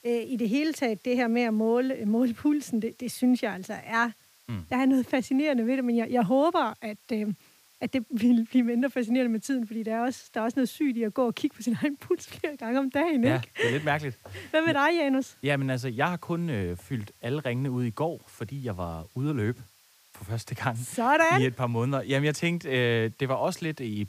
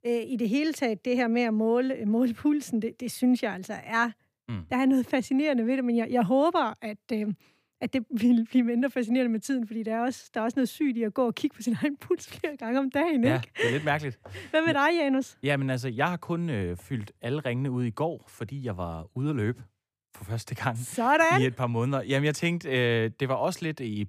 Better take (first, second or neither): second